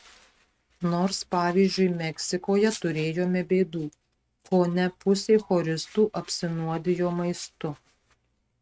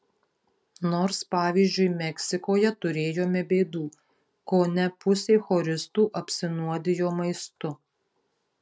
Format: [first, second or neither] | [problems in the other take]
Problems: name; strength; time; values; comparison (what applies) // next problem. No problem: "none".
second | noise reduction (neural mask model RNNoise)